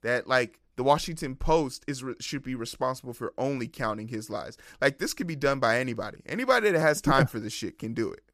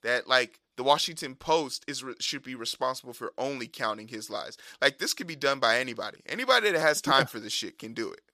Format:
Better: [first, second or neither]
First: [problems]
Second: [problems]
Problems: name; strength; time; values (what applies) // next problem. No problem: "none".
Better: first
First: none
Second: thin; very slightly; fading below 1 kHz